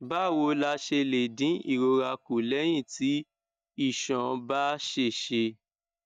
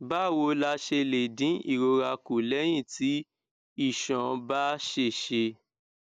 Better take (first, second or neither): second